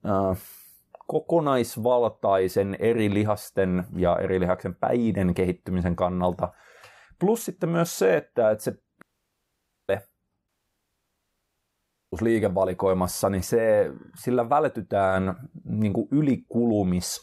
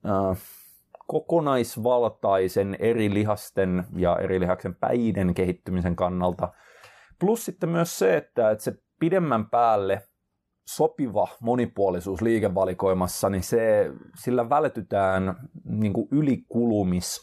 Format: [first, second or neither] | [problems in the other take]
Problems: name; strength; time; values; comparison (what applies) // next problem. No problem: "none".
second | audio cutting out; at 9 s for 1 s and at 10 s for 1.5 s